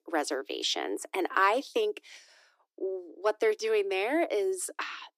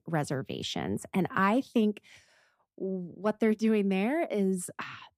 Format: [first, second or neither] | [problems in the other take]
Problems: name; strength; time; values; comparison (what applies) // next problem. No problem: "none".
second | thin; very; fading below 300 Hz